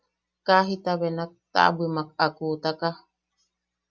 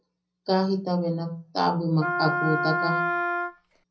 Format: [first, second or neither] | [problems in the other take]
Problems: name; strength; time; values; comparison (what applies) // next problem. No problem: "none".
first | background sound (Wind instrument, woodwind instrument); as loud as the speech // room echo; dies away in 0.4 s